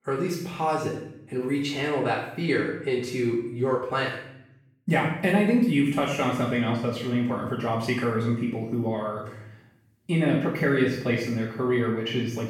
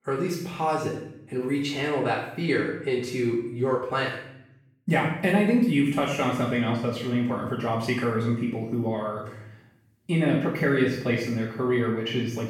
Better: neither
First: off-mic speech; far // room echo; noticeable; dies away in 0.7 s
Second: off-mic speech; far // room echo; noticeable; dies away in 0.7 s

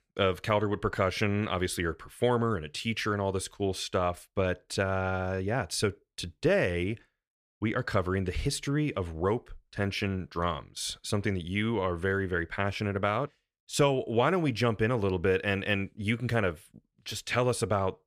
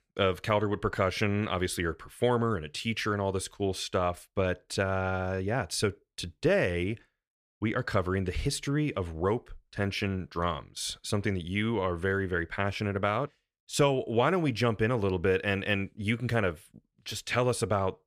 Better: neither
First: none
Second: none

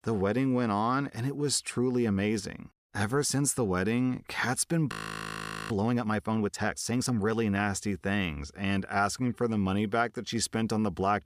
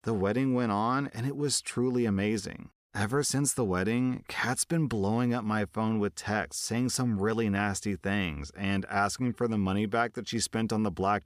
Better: second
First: audio freezing; at 5 s for 1 s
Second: none

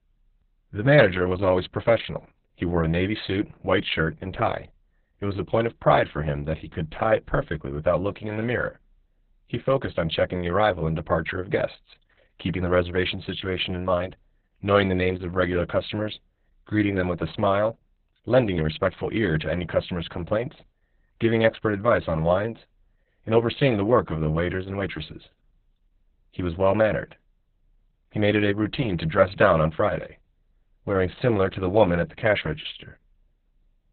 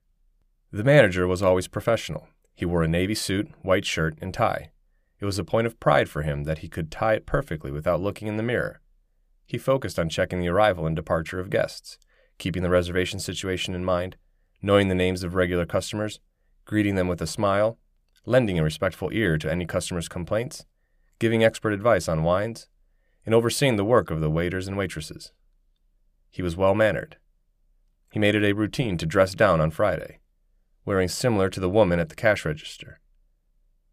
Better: second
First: garbled, watery; badly; nothing above 4 kHz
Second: none

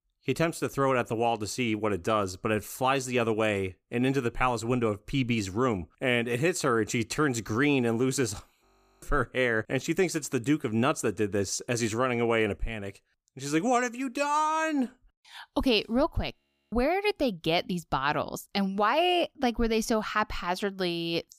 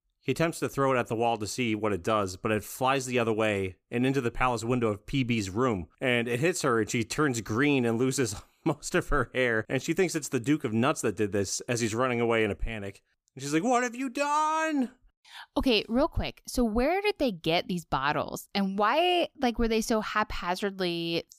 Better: second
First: audio freezing; at 8.5 s and at 16 s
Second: none

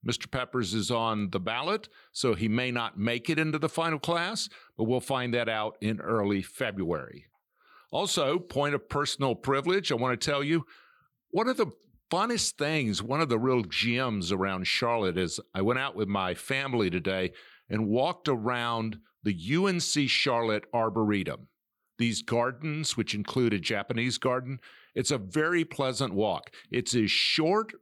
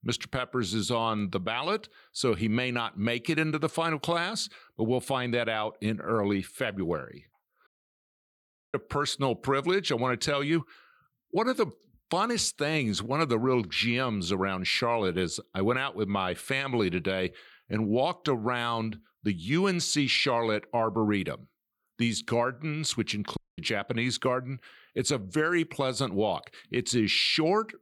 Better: first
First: none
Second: audio cutting out; at 7.5 s for 1 s and at 23 s

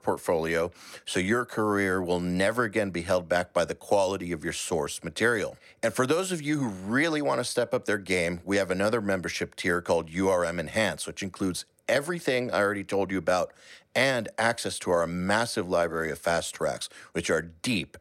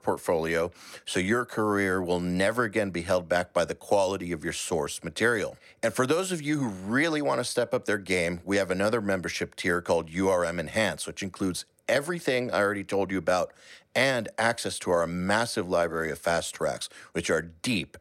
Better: neither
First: none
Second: none

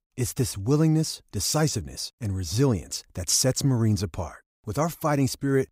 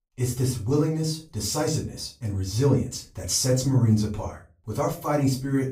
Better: first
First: none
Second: off-mic speech; far // room echo; slight; dies away in 0.3 s

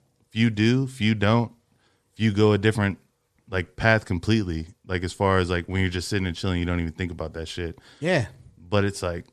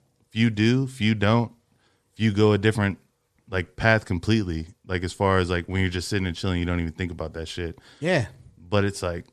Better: neither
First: none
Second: none

